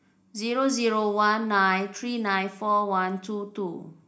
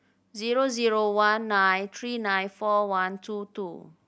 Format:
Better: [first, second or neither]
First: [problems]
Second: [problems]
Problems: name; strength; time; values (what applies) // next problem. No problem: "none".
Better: second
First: room echo; dies away in 0.4 s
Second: none